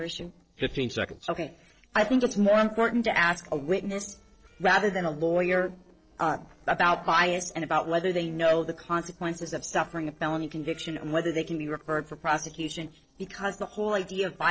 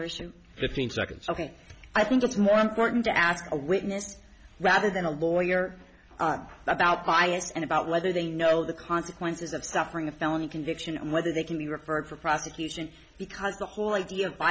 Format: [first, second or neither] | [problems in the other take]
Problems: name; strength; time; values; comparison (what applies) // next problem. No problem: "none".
second | noise reduction (neural separator model SepFormer DNS4)